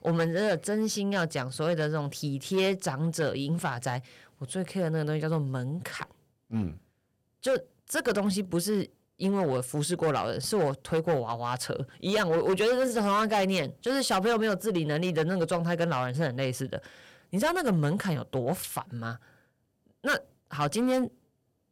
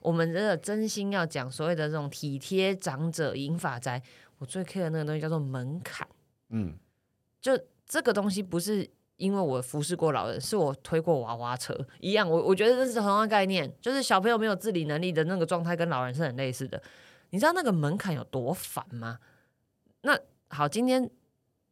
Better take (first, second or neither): second